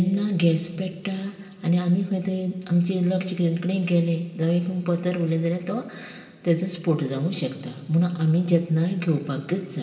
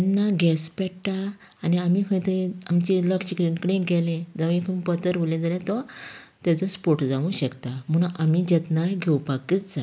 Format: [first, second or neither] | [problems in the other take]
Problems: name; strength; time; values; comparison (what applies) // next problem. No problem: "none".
second | room echo; dies away in 2.9 s